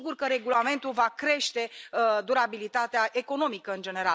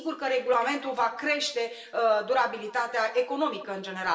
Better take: first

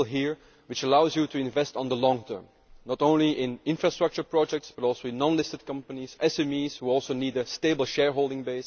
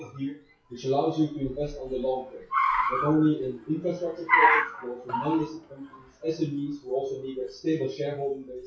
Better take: first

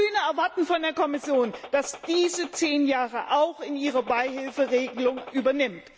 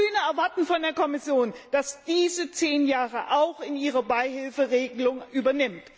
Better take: second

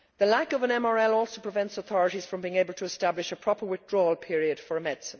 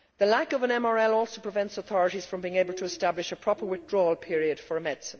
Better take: first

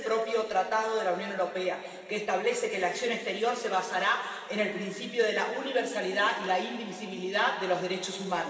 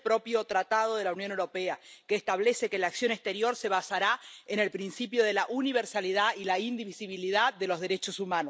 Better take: second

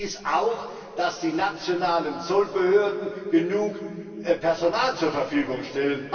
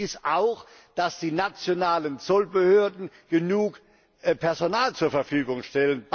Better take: second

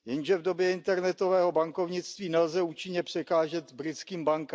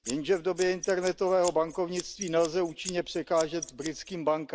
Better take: first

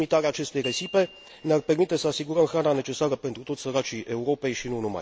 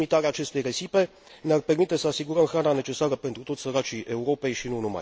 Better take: second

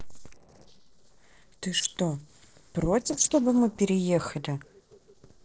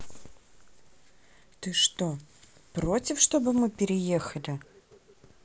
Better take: second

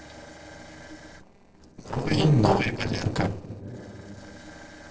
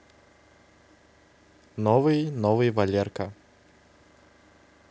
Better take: second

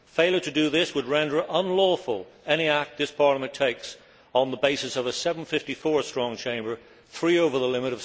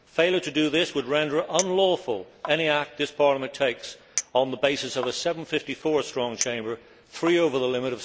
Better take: first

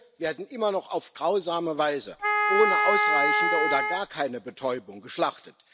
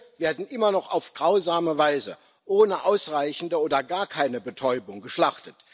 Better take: second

